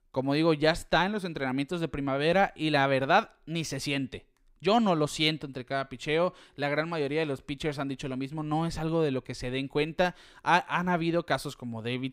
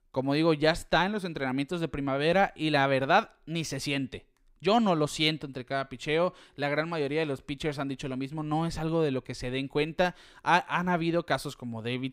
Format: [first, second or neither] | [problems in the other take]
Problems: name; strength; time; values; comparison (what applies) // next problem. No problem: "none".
neither | none